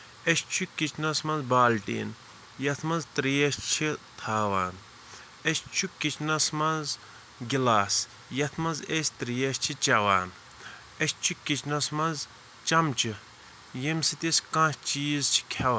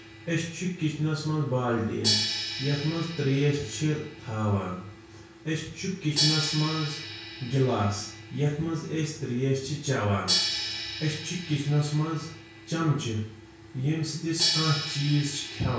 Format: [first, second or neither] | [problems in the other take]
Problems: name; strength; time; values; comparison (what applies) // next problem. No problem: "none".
first | background sound (Crash cymbal); 6 dB below the speech // room echo; dies away in 0.6 s